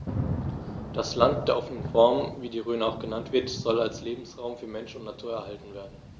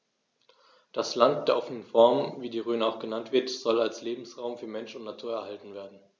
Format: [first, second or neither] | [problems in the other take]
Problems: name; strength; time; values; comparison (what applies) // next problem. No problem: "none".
second | background sound (Thunder / Rain); 8 dB below the speech